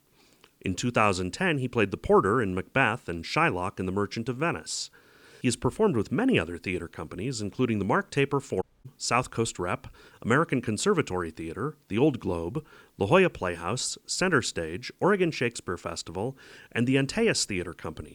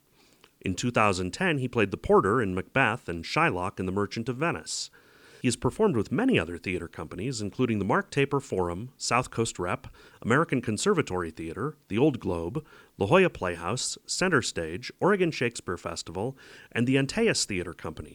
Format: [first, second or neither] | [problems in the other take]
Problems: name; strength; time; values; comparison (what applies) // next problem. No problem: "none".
second | audio cutting out; at 8.5 s